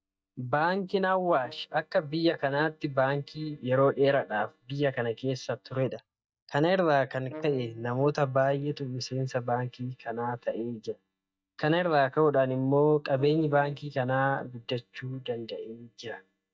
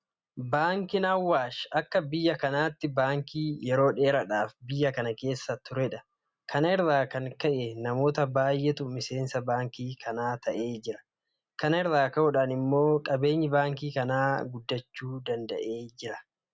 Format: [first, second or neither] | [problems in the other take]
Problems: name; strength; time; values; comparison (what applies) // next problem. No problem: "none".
second | noise reduction (neural mask model DeepFilterNet 3)